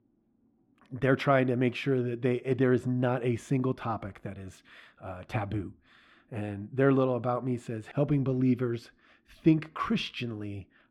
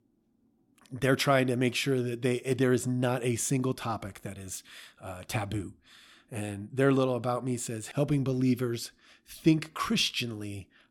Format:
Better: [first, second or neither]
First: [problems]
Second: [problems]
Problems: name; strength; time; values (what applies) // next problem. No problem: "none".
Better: second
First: muffled; very; fading above 4 kHz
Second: none